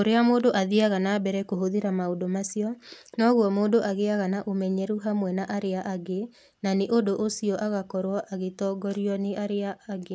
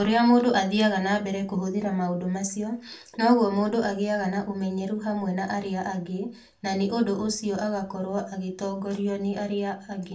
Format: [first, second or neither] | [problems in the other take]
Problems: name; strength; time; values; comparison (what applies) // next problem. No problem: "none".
first | room echo; dies away in 0.2 s